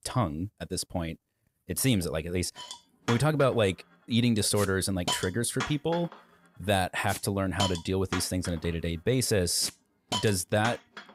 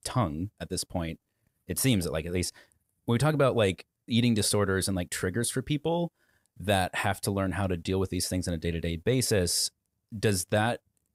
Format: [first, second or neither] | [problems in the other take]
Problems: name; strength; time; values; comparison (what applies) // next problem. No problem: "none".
second | hiss; loud; from 2.5 s on; 8 dB below the speech